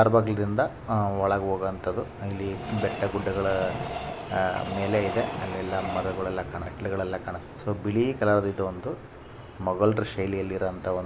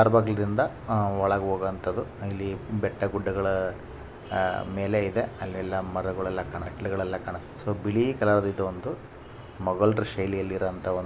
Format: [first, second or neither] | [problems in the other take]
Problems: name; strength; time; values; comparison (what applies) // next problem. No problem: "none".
second | background sound (Train); 12 dB below the speech